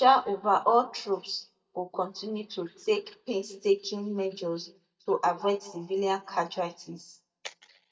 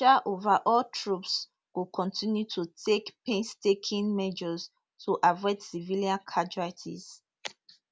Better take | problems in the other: second | noise reduction (neural mask model DeepFilterNet 3)

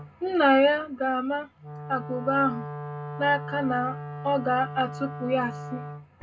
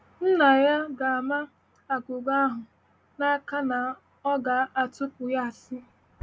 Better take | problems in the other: second | background sound (Wind instrument, woodwind instrument); 11 dB below the speech // room echo; dies away in 0.2 s

